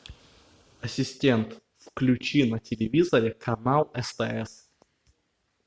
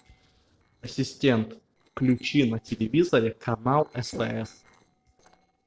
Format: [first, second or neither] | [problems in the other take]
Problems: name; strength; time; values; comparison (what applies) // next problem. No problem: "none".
first | noise reduction (neural separator model SepFormer DNS4)